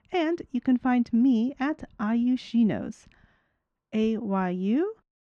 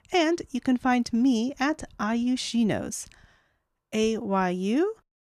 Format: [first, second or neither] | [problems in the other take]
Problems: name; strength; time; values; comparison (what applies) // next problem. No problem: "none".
second | muffled; slightly; fading above 3 kHz